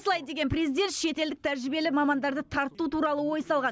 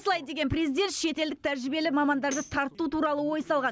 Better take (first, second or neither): first